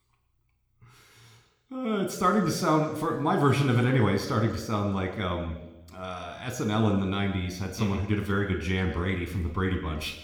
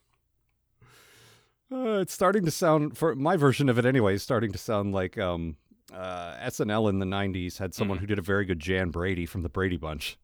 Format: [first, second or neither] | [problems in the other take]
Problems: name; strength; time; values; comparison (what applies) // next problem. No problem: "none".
second | room echo; slight; dies away in 1 s